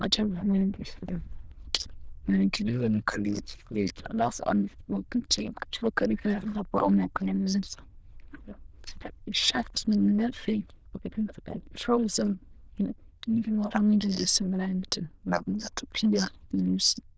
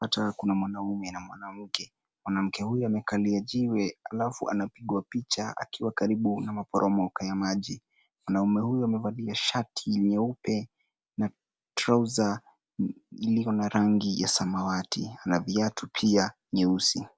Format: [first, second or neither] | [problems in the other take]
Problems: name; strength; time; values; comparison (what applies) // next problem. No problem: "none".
second | noise reduction (neural diffusion model UNIVERSE++)